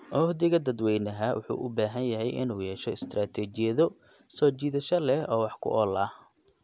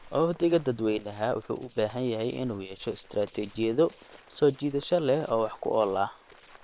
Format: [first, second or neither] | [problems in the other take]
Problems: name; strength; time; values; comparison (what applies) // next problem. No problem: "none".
first | noise reduction (neural separator model SepFormer WHAM!)